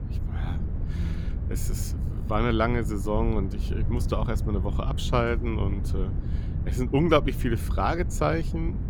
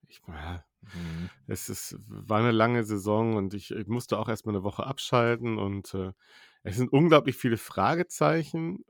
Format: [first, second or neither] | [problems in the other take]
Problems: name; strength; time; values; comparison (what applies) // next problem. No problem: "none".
second | low rumble; noticeable; throughout; 15 dB below the speech